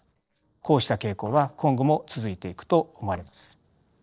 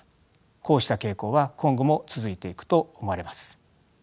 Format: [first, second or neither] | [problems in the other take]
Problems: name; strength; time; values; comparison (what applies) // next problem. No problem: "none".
second | noise reduction (neural separator model SepFormer DNS4)